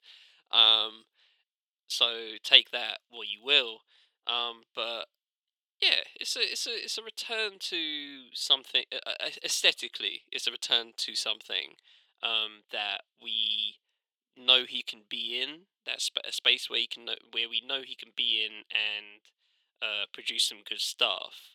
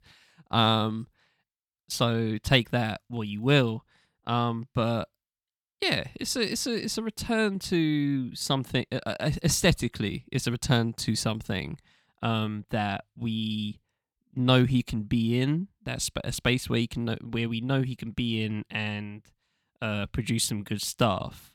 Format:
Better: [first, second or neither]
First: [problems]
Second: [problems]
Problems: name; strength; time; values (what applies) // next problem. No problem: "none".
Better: second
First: thin; very; fading below 400 Hz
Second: none